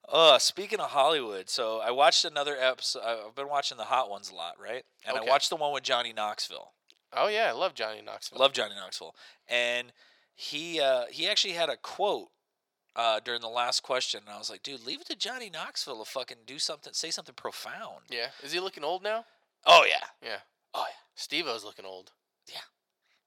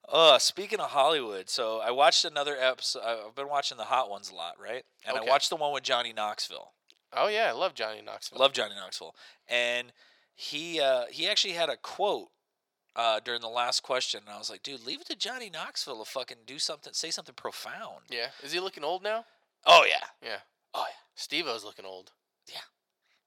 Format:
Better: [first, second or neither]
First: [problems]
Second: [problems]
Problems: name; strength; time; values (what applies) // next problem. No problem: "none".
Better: neither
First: thin; very; fading below 650 Hz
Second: thin; very; fading below 650 Hz